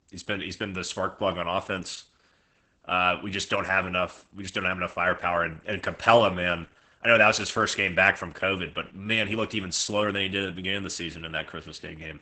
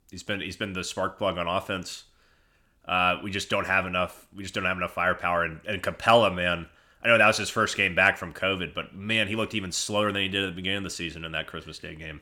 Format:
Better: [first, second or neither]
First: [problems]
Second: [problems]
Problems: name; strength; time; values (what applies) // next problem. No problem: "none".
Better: second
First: garbled, watery; badly; nothing above 8 kHz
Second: none